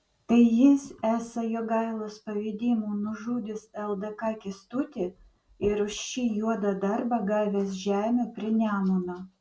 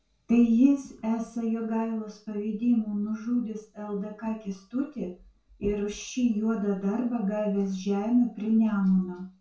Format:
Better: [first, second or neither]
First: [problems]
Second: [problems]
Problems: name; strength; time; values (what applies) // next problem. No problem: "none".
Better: first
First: none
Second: room echo; dies away in 0.3 s